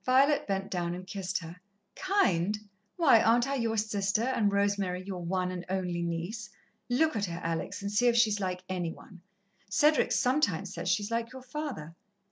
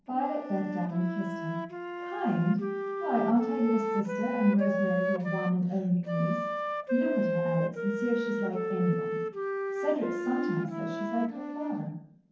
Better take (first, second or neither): first